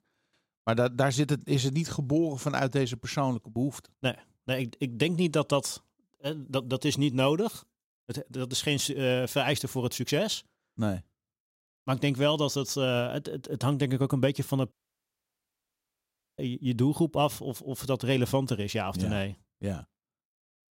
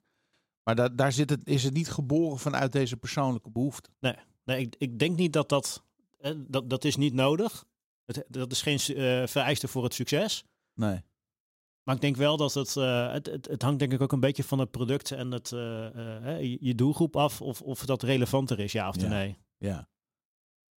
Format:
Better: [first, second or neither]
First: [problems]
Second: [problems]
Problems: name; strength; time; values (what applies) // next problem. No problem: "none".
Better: second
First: audio cutting out; at 15 s for 1.5 s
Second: none